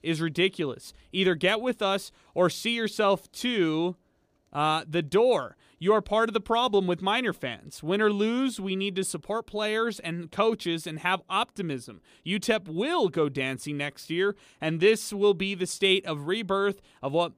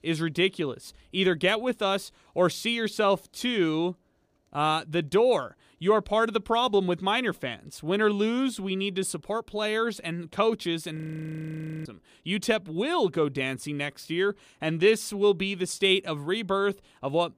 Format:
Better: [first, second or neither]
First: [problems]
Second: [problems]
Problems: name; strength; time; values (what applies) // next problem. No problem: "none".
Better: first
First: none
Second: audio freezing; at 11 s for 1 s